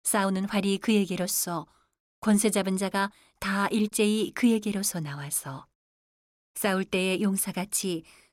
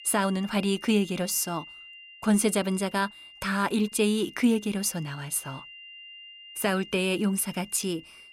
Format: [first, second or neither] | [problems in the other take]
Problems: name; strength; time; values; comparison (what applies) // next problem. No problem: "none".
first | high-pitched whine; noticeable; throughout; 3 kHz, 20 dB below the speech